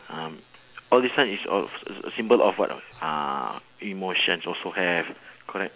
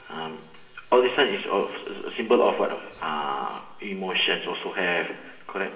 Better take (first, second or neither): first